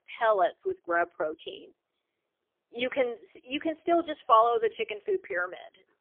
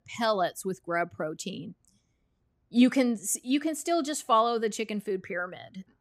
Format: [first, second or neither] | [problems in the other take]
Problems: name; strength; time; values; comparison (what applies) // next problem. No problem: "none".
second | phone-call audio; poor line; nothing above 3.5 kHz